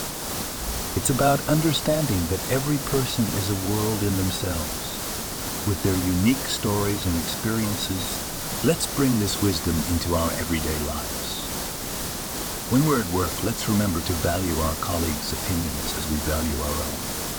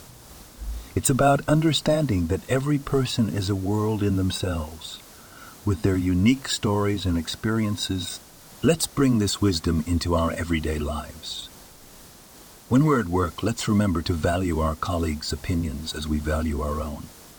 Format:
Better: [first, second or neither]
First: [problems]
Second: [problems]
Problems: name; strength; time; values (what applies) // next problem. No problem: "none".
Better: second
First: hiss; loud; throughout; 3 dB below the speech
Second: hiss; faint; throughout; 20 dB below the speech